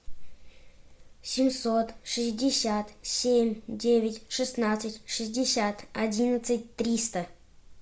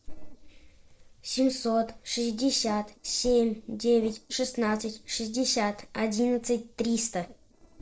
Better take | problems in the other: first | noise reduction (neural separator model SepFormer DNS4)

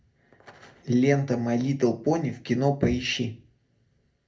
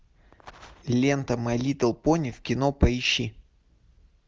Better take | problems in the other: second | room echo; dies away in 0.3 s

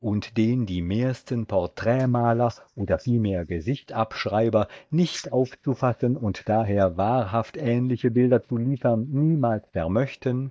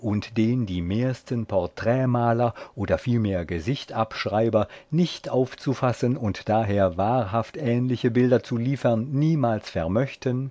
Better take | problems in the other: second | noise reduction (neural mask model DeepFilterNet 3)

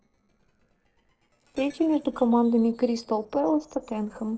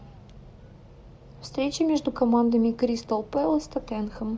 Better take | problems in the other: second | noise reduction (neural separator model SepFormer DNS4)

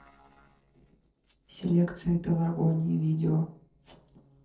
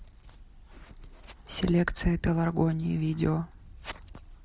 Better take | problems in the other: second | noise reduction (neural separator model SepFormer DNS4)

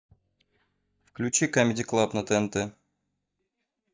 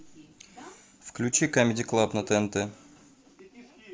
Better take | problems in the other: second | noise reduction (neural mask model DeepFilterNet 3)

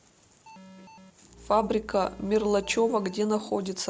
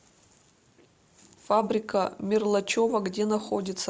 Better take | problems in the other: second | background sound (Bowed string instrument + Alarm); 20 dB below the speech

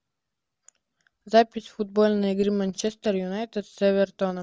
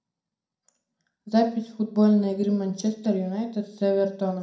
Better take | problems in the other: first | room echo; dies away in 0.4 s

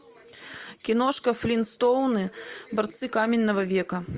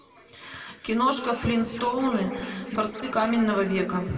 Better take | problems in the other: first | background sound (Scratching (performance technique)); 18 dB below the speech // room echo; dies away in 2.2 s

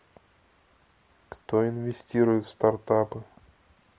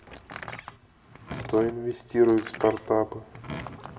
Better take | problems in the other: first | background sound (Door); 13 dB below the speech // room echo; dies away in 0.6 s

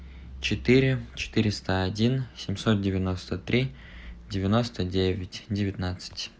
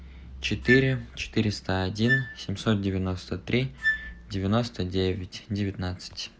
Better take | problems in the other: first | background sound (Wind instrument, woodwind instrument); 6 dB below the speech

